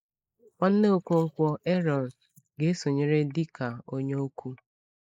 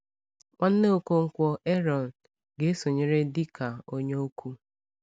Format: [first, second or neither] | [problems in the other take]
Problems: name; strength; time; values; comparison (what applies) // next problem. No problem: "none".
second | noise reduction (neural mask model Resemble Enhance denoiser)